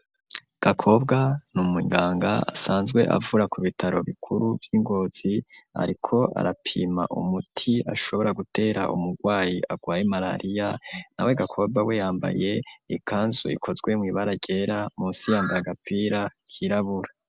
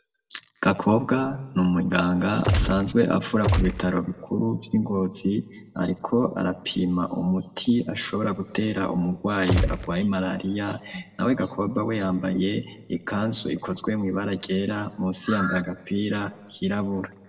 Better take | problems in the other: first | background sound (Gunshot, gunfire); 2 dB above the speech // room echo; dies away in 0.8 s

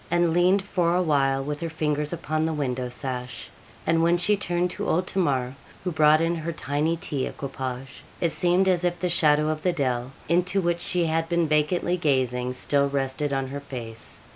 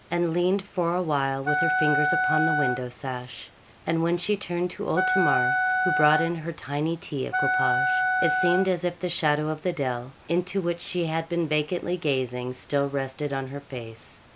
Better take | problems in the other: first | background sound (Wind instrument, woodwind instrument); 2 dB above the speech

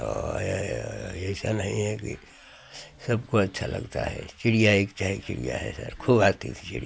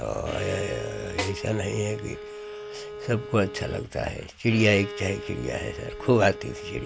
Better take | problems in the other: first | background sound (Bowed string instrument + Snare drum); 10 dB below the speech

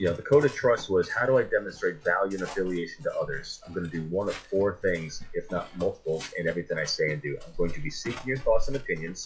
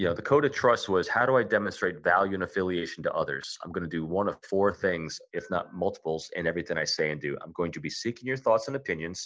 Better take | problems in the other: second | noise reduction (classical method WPE with log-MMSE)

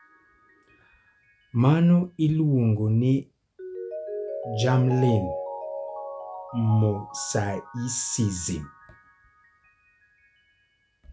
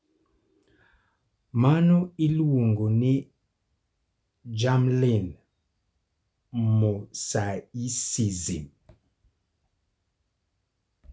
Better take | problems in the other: second | background sound (Mallet percussion); 12 dB below the speech

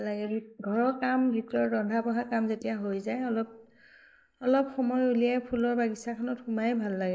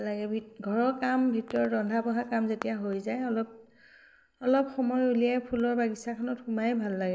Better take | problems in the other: second | noise reduction (neural mask model Resemble Enhance denoiser)

